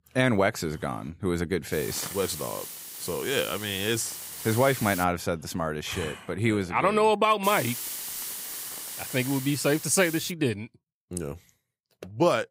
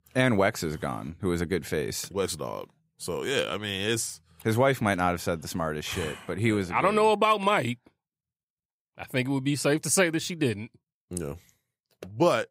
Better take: second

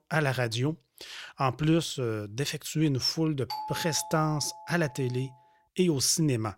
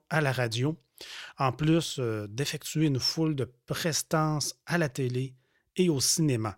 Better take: second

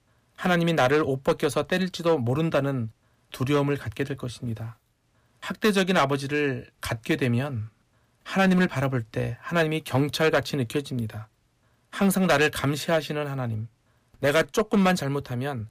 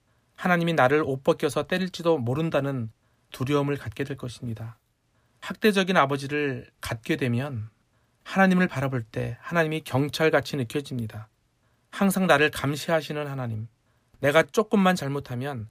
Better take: second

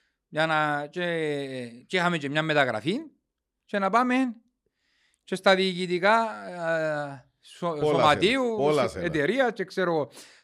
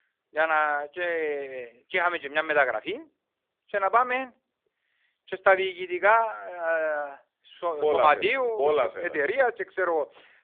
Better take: first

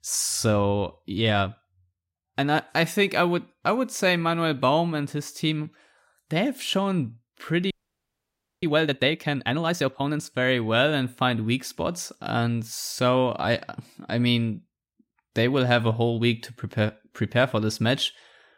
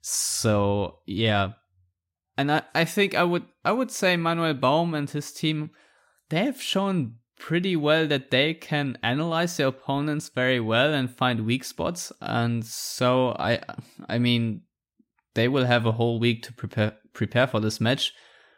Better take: second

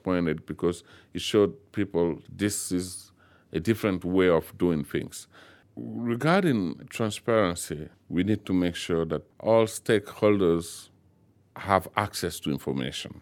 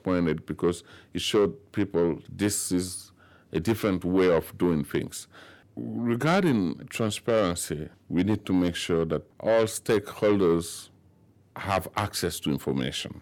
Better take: first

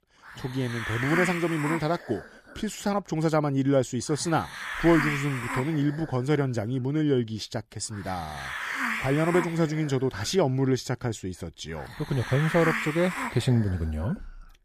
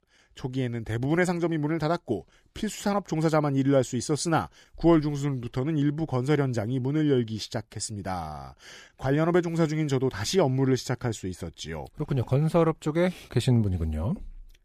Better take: second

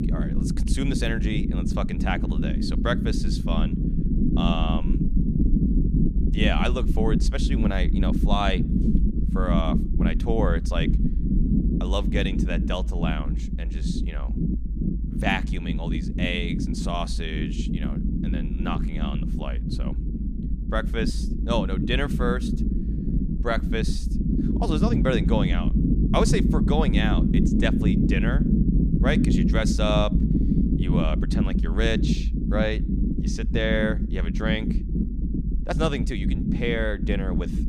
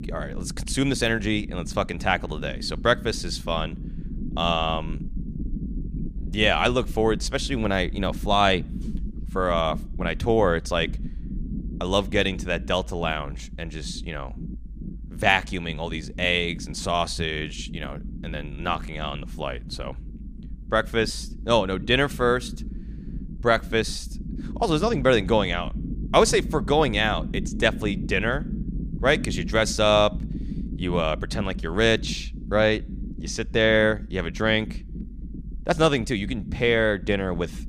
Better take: second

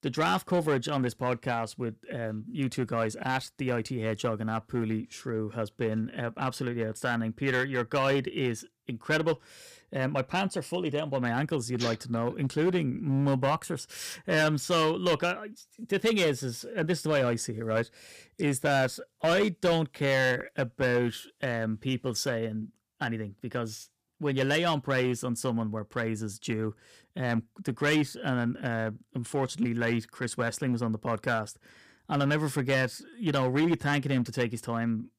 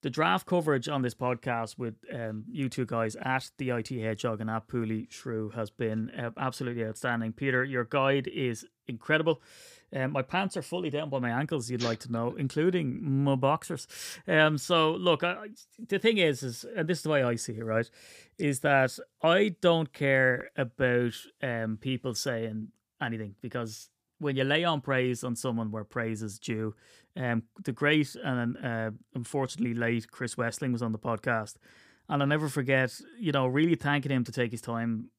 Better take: second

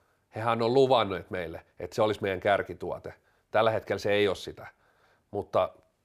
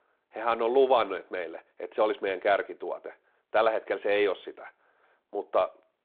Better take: first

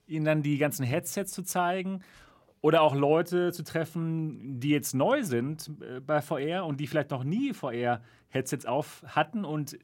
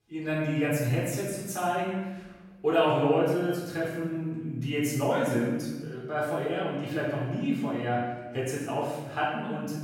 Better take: first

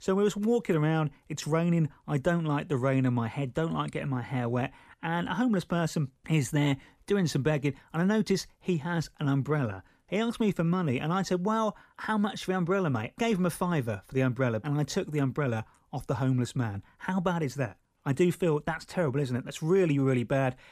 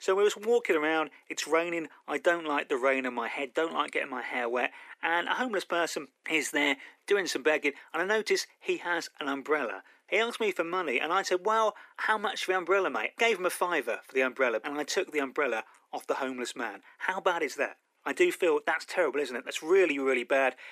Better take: first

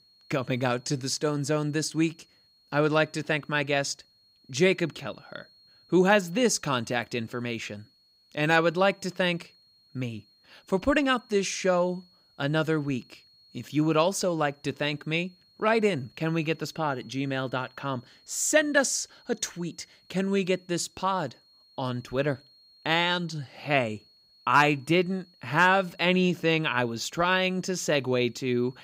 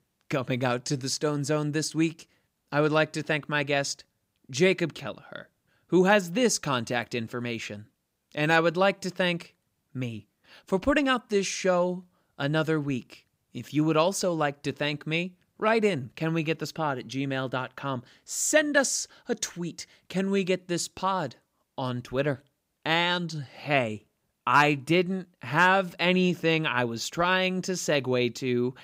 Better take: second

